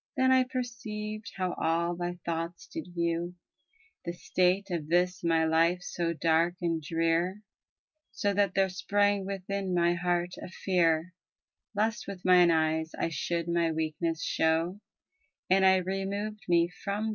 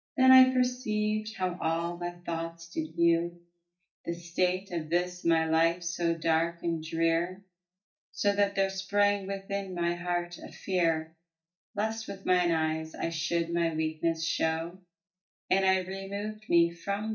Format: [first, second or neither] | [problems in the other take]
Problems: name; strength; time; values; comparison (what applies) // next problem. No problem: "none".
first | noise reduction (neural mask model DeepFilterNet 3)